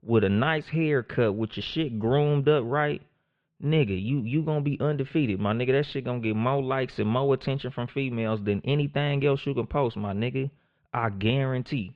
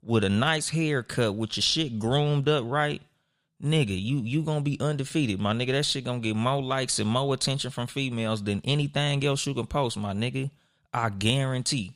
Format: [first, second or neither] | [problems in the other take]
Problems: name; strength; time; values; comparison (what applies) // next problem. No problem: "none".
second | muffled; very; fading above 2.5 kHz